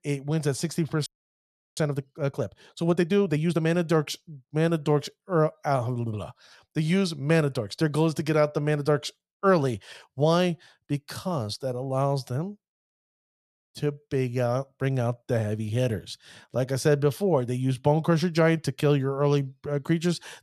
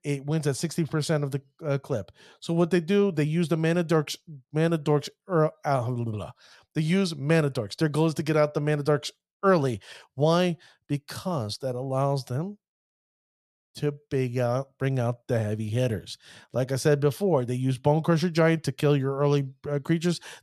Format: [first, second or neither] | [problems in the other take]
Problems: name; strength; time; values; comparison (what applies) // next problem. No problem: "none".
second | audio freezing; at 1 s for 0.5 s